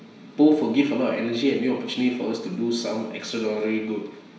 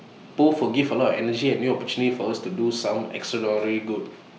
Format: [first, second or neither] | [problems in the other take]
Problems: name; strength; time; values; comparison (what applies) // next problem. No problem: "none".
second | room echo; dies away in 0.7 s